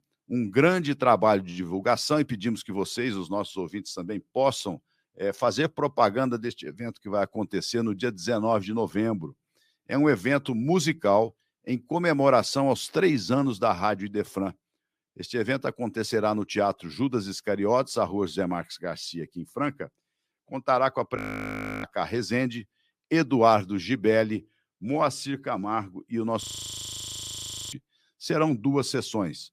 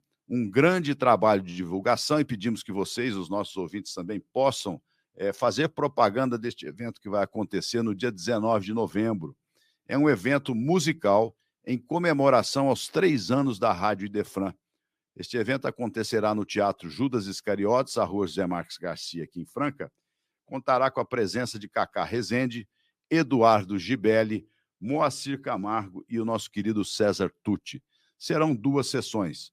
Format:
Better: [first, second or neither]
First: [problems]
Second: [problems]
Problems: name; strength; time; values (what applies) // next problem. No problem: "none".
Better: second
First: audio freezing; at 21 s for 0.5 s and at 26 s for 1.5 s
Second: none